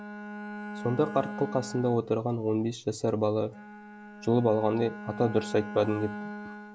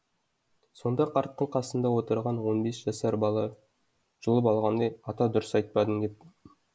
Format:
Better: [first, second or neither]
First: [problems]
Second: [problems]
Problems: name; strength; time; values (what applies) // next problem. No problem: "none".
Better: second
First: background sound (Bowed string instrument); 11 dB below the speech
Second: none